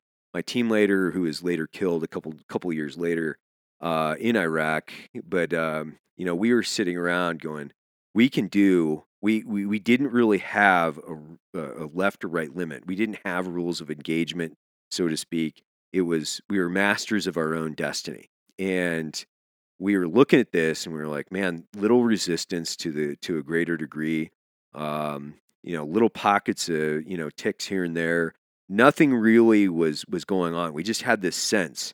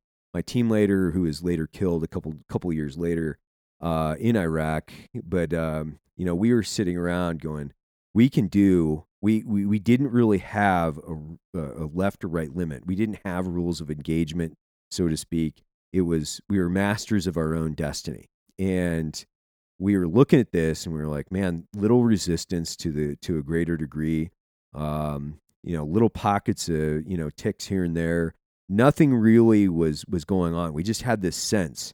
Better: second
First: thin; very slightly; fading below 250 Hz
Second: none

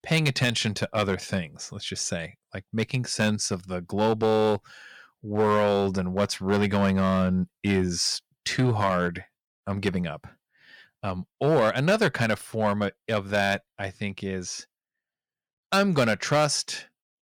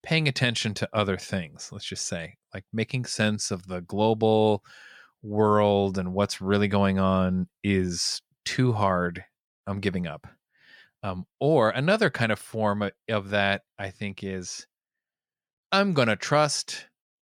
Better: second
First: distortion; slight; 3% of the sound clipped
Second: none

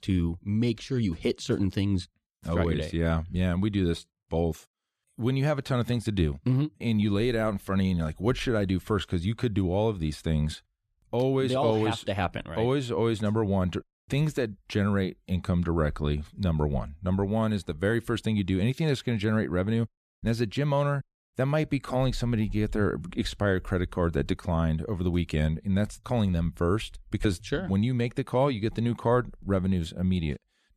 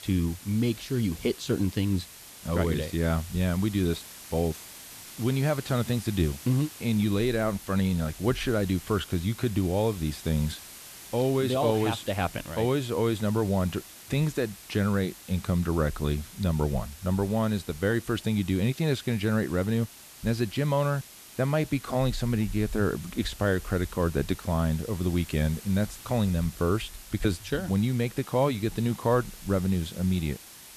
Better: first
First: none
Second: hiss; noticeable; throughout; 15 dB below the speech

